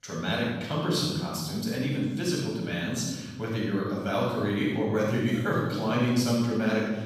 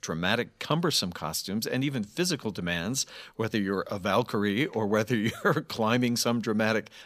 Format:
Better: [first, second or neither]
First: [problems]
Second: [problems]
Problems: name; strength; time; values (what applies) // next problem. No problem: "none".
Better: second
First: room echo; strong; dies away in 1.4 s // off-mic speech; far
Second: none